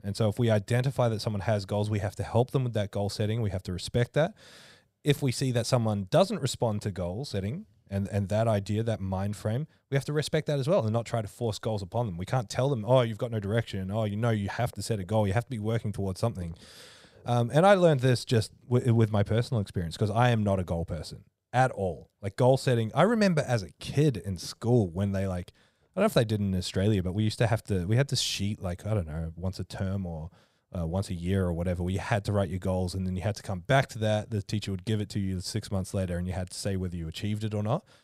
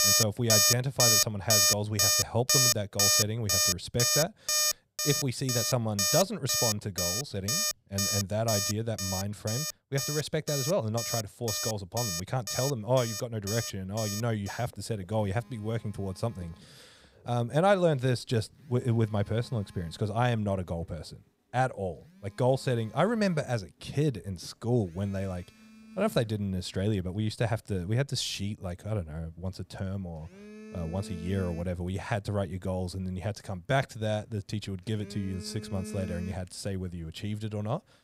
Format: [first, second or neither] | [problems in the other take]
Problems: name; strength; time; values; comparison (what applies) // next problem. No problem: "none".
first | alarms or sirens; very loud; throughout; 4 dB above the speech